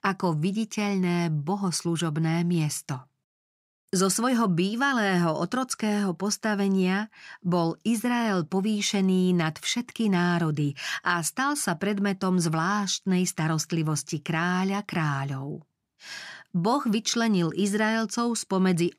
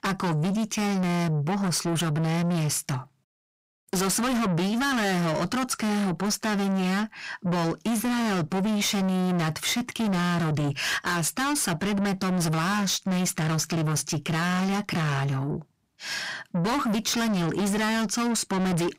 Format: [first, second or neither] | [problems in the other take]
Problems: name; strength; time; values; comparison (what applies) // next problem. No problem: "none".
first | distortion; heavy; 6 dB below the speech